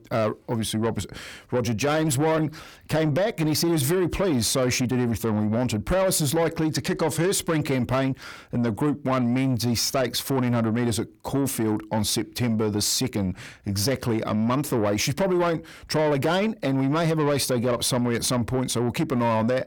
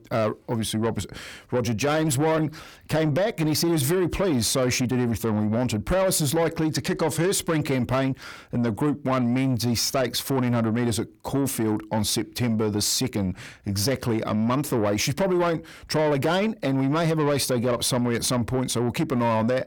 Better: neither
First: distortion; slight; 10 dB below the speech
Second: distortion; slight; 10 dB below the speech

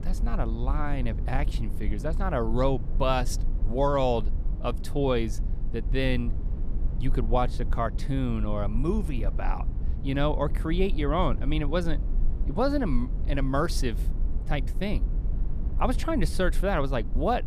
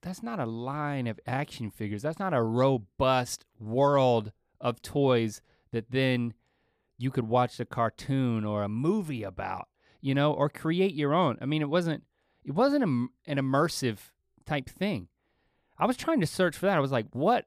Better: second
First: low rumble; noticeable; throughout; 15 dB below the speech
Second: none

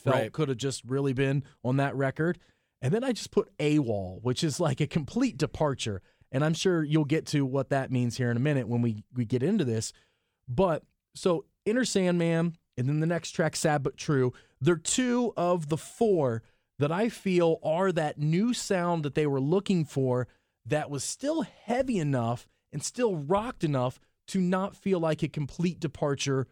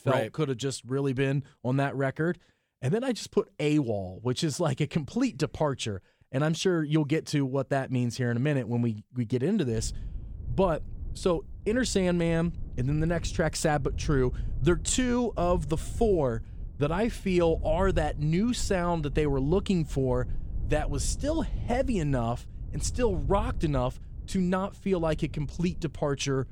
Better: first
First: none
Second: wind noise on the microphone; occasional gusts; from 10 s on; 25 dB below the speech

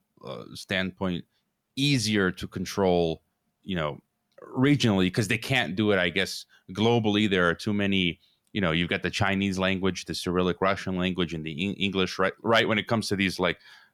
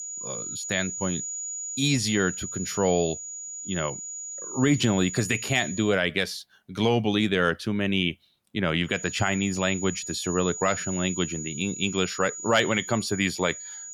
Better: first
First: none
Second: high-pitched whine; loud; until 6 s and from 9 s on; 7 kHz, 7 dB below the speech

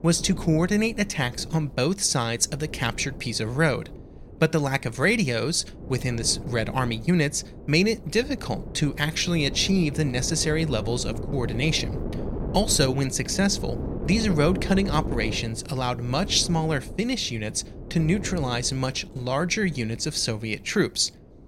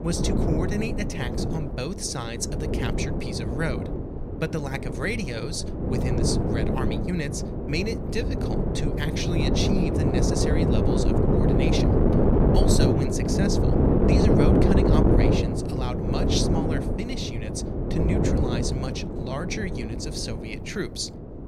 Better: first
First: wind noise on the microphone; occasional gusts; 15 dB below the speech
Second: wind noise on the microphone; heavy; 4 dB above the speech

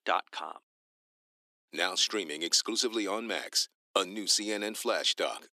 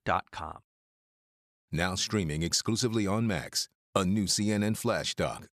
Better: second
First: thin; somewhat; fading below 300 Hz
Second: none

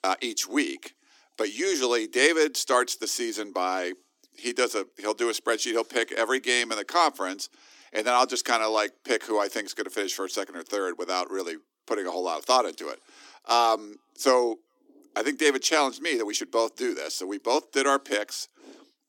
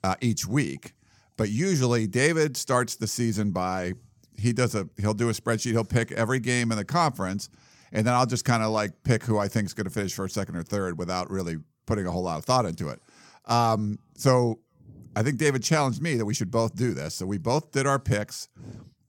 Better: second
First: thin; somewhat; fading below 300 Hz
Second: none

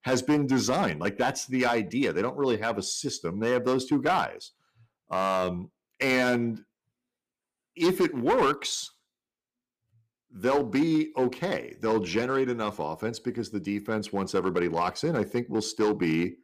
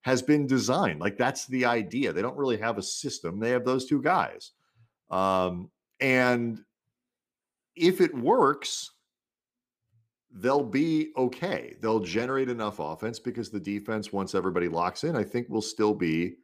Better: second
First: distortion; slight; 4% of the sound clipped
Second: none

